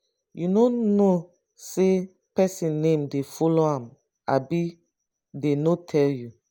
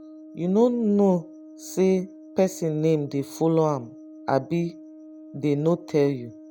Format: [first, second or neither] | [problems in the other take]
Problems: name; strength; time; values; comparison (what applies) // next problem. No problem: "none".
first | background sound (Brass instrument); 19 dB below the speech